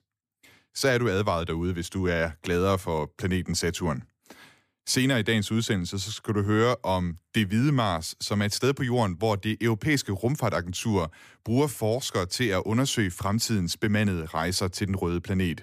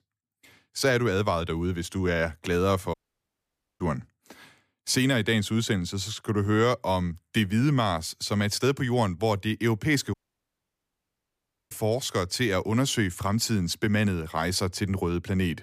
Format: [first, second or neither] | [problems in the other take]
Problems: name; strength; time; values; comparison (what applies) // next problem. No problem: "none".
first | audio cutting out; at 3 s for 1 s and at 10 s for 1.5 s